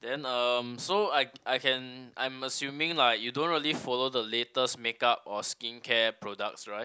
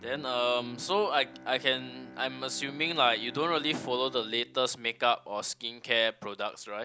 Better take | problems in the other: first | background sound (Bowed string instrument); 19 dB below the speech

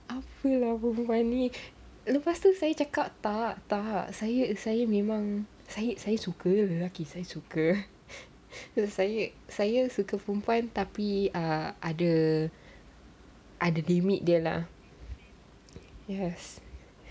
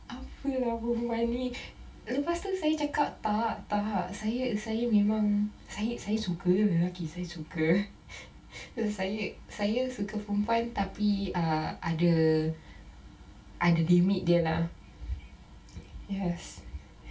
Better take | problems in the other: first | room echo; dies away in 0.2 s

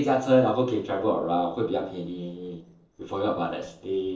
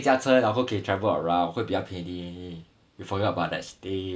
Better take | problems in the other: second | noise reduction (neural separator model SepFormer DNS4)

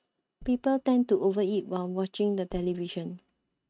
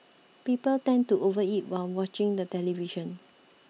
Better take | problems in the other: second | noise reduction (neural mask model RNNoise)

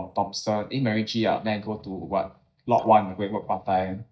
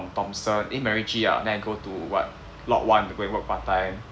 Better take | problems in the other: second | noise reduction (neural mask model DeepFilterNet 3)

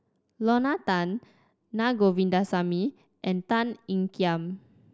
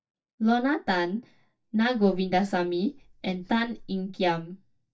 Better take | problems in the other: first | noise reduction (neural mask model DeepFilterNet 3)

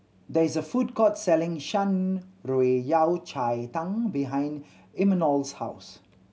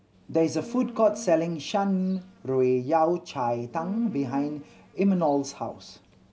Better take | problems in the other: first | background sound (Insect); 19 dB below the speech

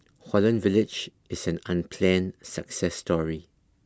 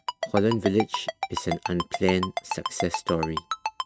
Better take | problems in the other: first | noise reduction (neural mask model RNNoise)

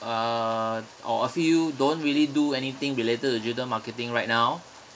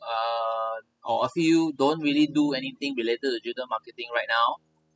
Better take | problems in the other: first | noise reduction (classical method spectral subtraction)

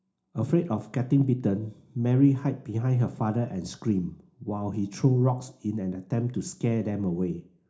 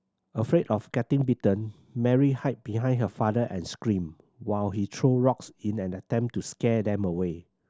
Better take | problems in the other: second | room echo; dies away in 0.4 s

